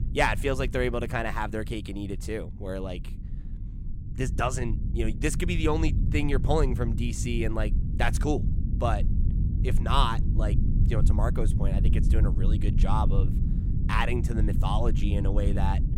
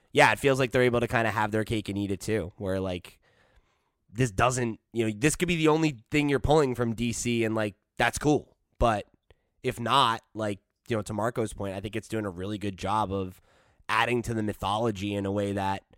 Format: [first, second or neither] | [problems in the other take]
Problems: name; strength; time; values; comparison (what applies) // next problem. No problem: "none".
second | low rumble; noticeable; throughout; 10 dB below the speech